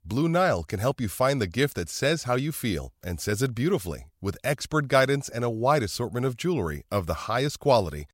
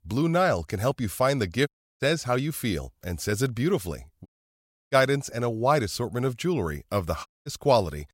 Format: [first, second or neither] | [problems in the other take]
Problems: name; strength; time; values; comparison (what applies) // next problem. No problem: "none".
first | audio cutting out; at 1.5 s, at 4.5 s for 0.5 s and at 7.5 s